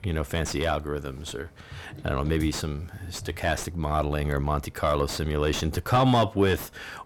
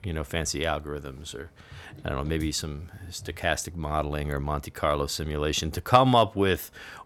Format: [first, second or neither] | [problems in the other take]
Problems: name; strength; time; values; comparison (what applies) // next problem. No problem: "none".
second | distortion; heavy; 6 dB below the speech